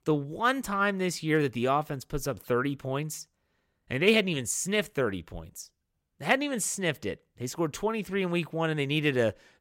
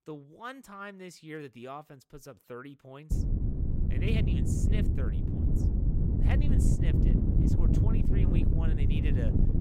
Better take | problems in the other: first | wind noise on the microphone; heavy; from 3 s on; 3 dB above the speech

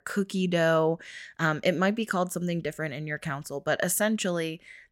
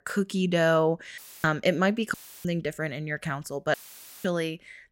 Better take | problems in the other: first | audio cutting out; filled with static; at 1 s, at 2 s and at 3.5 s for 0.5 s

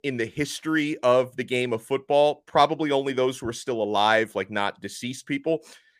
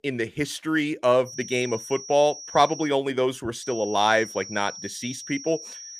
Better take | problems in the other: first | high-pitched whine; noticeable; from 1.5 to 3 s and from 3.5 s on; 6 kHz, 15 dB below the speech

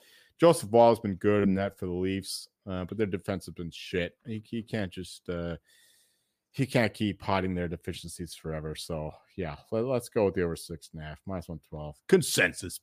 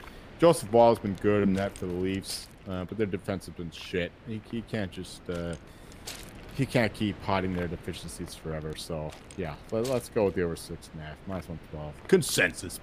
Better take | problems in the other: first | wind noise on the microphone; occasional gusts; 20 dB below the speech

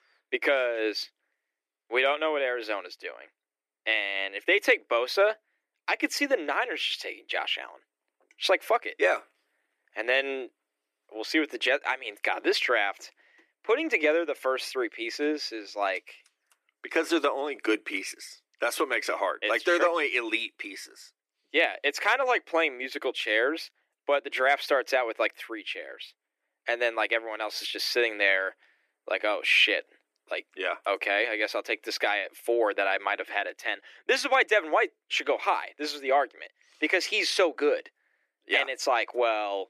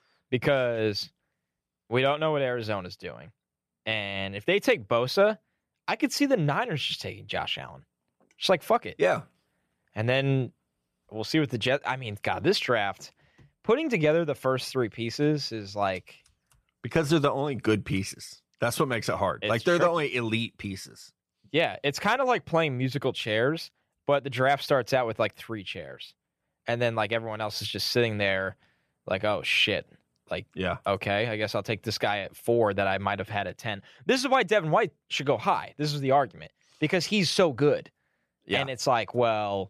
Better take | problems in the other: second | thin; somewhat; fading below 300 Hz

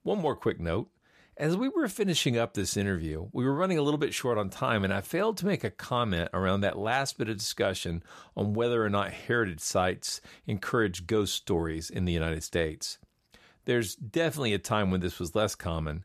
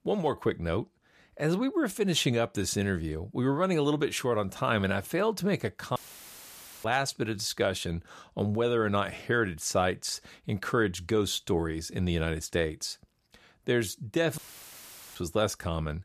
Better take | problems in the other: first | audio cutting out; filled with static; at 6 s for 1 s and at 14 s for 1 s

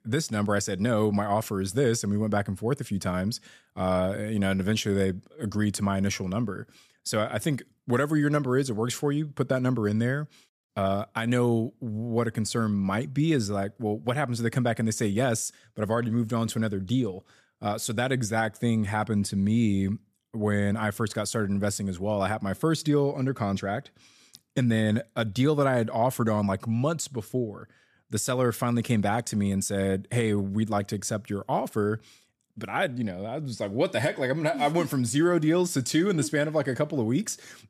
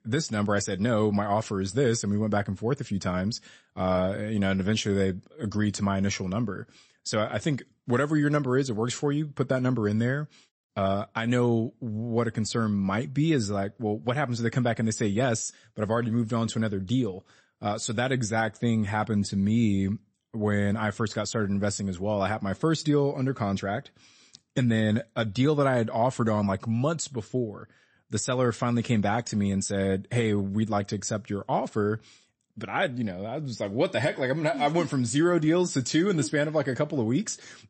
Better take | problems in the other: first | garbled, watery; slightly; nothing above 8 kHz

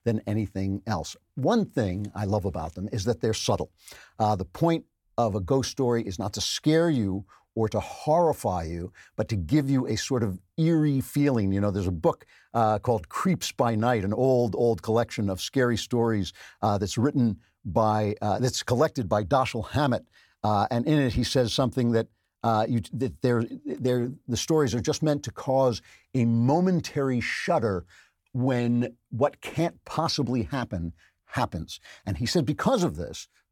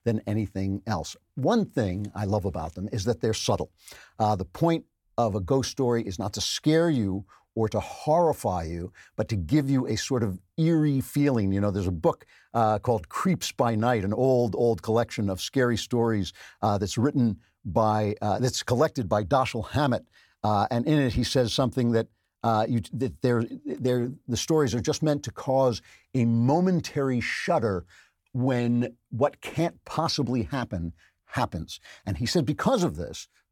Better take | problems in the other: neither | none

